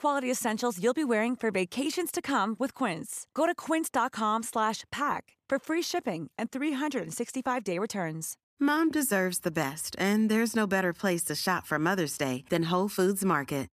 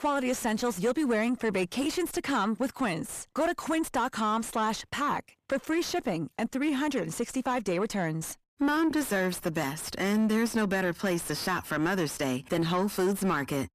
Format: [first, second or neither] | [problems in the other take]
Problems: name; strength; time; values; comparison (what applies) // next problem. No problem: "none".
first | distortion; slight; 9 dB below the speech